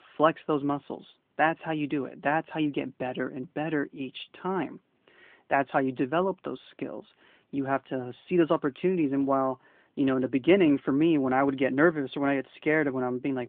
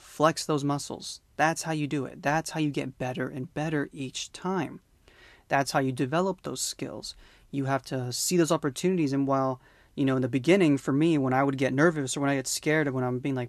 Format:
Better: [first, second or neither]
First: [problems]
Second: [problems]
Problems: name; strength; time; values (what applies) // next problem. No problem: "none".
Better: second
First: phone-call audio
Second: none